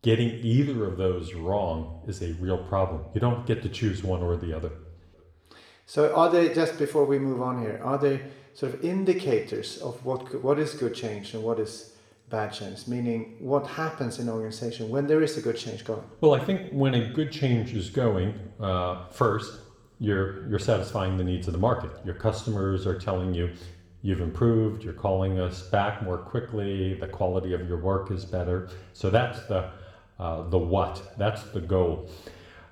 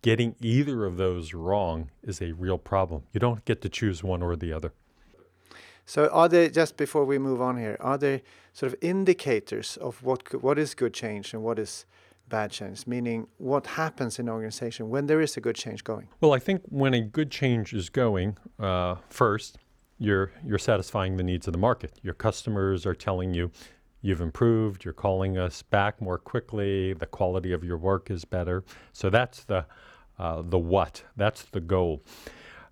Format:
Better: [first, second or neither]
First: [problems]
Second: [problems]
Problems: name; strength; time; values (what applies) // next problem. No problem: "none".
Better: second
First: room echo; slight; dies away in 0.8 s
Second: none